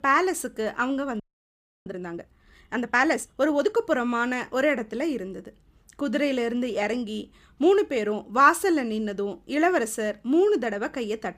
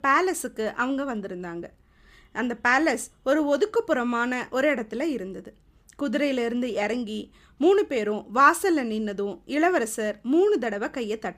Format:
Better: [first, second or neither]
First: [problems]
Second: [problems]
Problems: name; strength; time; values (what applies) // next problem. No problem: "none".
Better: second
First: audio freezing; at 1 s for 0.5 s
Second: none